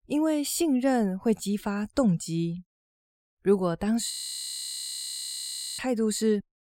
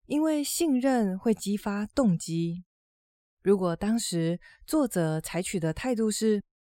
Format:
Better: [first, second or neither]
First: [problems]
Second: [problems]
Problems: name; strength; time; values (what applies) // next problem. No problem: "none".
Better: second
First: audio freezing; at 4 s for 1.5 s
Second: none